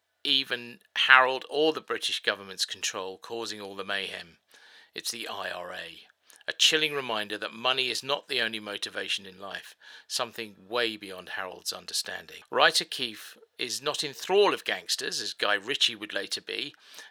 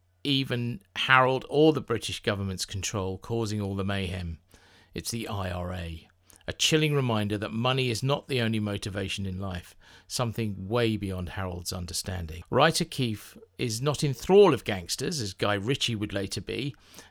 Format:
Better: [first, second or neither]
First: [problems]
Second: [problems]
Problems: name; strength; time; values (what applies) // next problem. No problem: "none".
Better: second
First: thin; very; fading below 450 Hz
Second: none